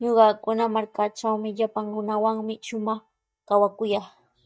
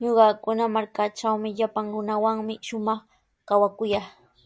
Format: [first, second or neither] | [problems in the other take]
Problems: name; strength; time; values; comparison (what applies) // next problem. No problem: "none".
second | noise reduction (neural mask model DeepFilterNet 3)